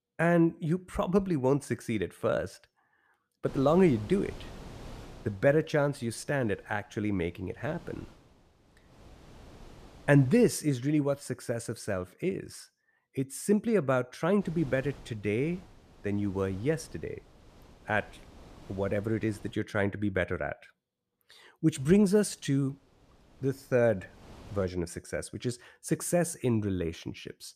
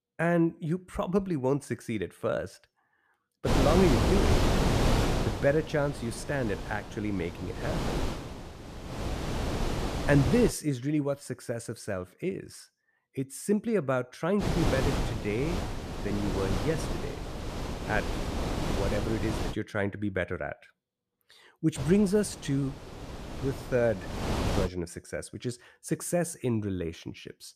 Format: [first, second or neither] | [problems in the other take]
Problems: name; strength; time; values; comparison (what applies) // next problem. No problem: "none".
first | wind noise on the microphone; heavy; from 3.5 to 11 s, from 14 to 20 s and from 22 to 25 s; 2 dB below the speech; occasional gusts in the first